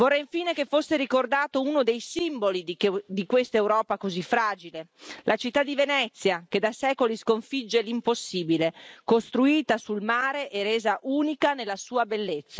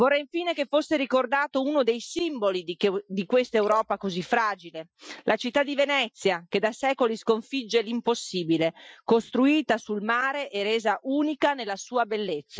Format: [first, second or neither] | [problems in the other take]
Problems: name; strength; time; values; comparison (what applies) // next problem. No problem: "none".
first | noise reduction (classical method Wiener filter)